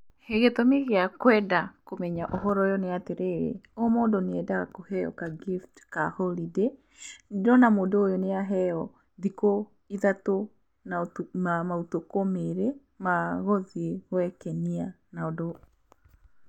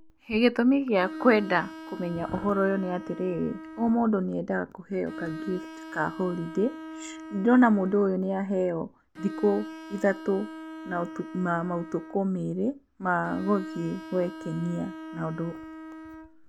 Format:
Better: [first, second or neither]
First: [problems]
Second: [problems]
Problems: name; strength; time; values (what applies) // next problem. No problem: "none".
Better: first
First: none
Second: background sound (Bowed string instrument); 13 dB below the speech